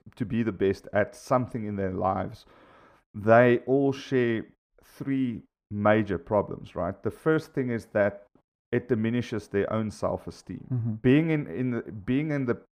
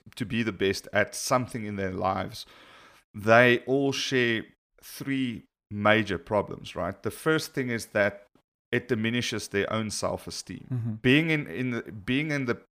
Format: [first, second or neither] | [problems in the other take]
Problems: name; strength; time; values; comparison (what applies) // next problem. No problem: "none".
second | muffled; slightly; fading above 2 kHz